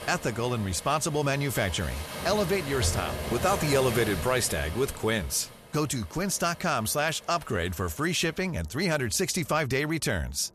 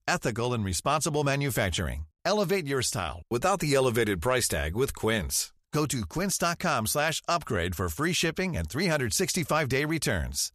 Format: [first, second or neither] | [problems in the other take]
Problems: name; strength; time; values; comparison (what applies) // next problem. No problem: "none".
second | rain or running water; loud; throughout; 8 dB below the speech